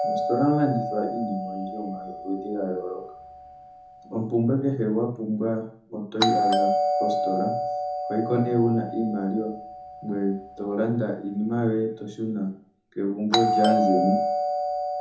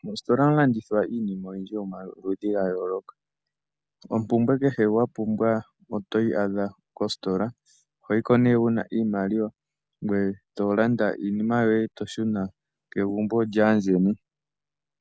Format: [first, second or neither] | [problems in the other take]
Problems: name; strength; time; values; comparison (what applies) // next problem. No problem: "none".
second | background sound (Doorbell); 2 dB below the speech // room echo; dies away in 0.6 s